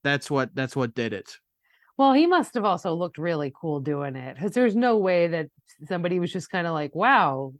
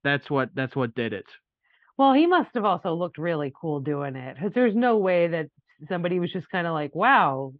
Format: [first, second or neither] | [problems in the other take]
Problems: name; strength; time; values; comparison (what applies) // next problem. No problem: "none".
first | muffled; slightly; fading above 3.5 kHz